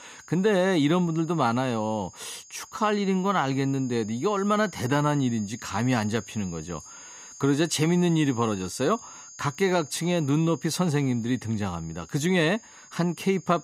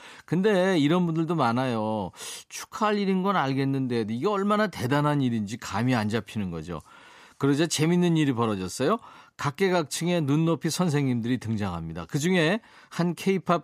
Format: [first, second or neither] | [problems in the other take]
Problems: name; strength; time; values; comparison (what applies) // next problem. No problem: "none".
second | high-pitched whine; noticeable; throughout; 6.5 kHz, 20 dB below the speech